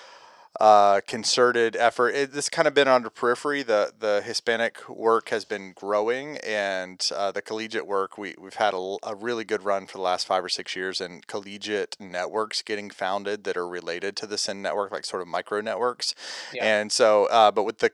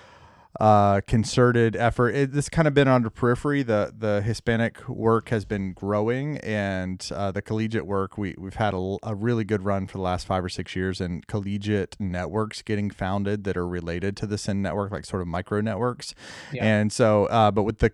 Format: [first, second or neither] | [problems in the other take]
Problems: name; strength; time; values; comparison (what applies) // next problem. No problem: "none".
second | thin; very; fading below 550 Hz